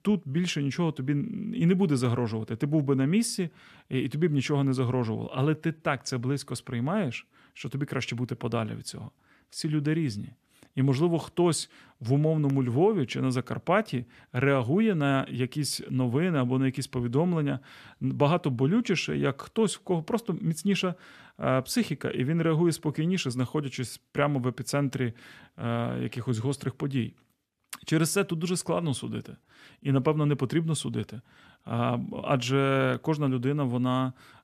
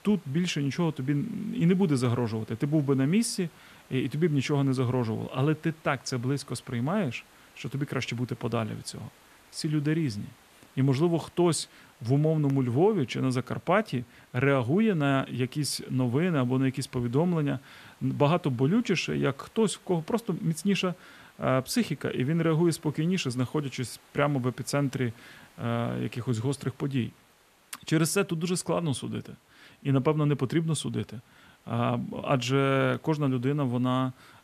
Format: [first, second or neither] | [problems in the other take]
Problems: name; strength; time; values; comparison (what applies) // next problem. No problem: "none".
first | hiss; faint; throughout; 30 dB below the speech